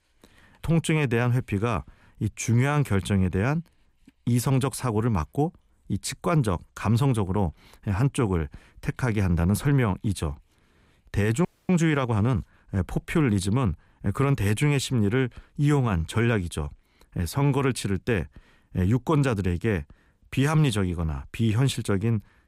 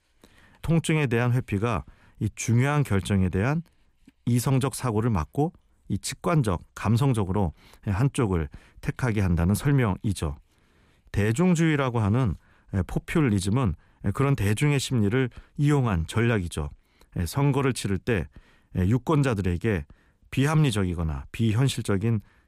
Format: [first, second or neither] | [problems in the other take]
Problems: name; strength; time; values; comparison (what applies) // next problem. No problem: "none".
second | audio freezing; at 11 s